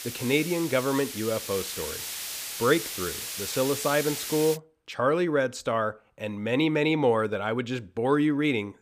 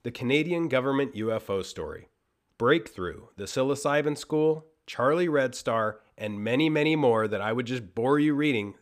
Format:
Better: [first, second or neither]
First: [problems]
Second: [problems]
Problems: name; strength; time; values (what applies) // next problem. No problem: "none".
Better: second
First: hiss; loud; until 4.5 s; 6 dB below the speech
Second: none